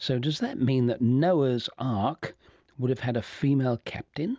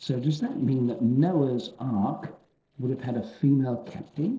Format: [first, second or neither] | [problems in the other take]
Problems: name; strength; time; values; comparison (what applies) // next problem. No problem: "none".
first | noise reduction (neural separator model SepFormer DNS4)